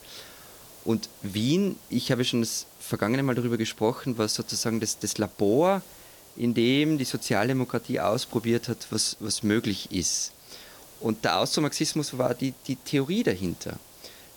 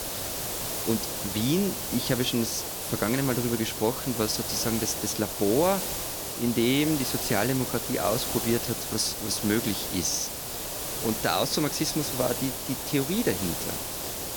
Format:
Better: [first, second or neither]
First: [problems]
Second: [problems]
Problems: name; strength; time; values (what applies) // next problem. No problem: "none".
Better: first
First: hiss; faint; throughout; 20 dB below the speech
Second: hiss; loud; throughout; 2 dB below the speech